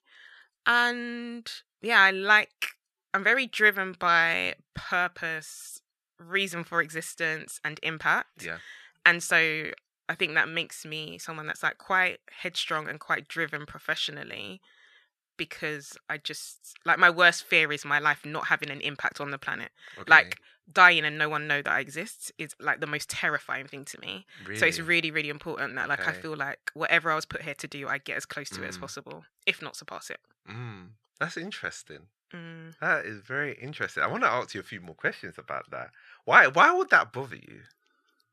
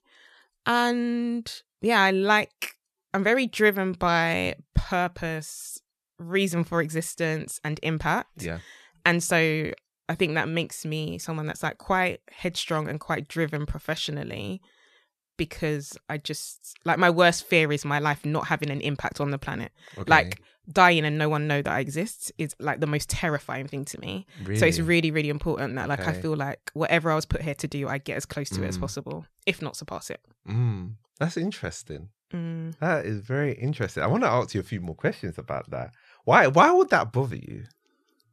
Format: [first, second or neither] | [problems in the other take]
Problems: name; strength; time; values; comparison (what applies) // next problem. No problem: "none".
second | thin; somewhat; fading below 350 Hz